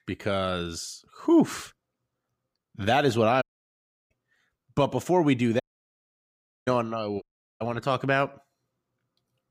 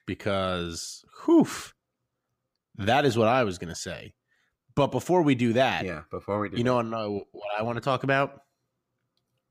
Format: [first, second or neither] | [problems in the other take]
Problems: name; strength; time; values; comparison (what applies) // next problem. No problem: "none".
second | audio cutting out; at 3.5 s for 0.5 s, at 5.5 s for 1 s and at 7 s